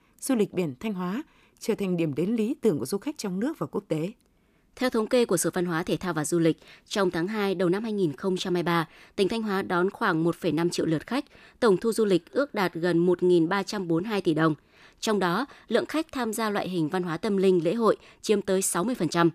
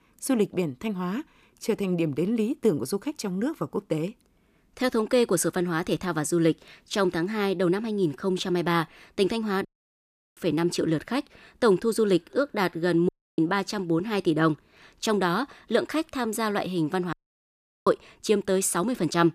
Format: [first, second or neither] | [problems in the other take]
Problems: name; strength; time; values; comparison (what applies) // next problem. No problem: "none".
first | audio cutting out; at 9.5 s for 0.5 s, at 13 s and at 17 s for 0.5 s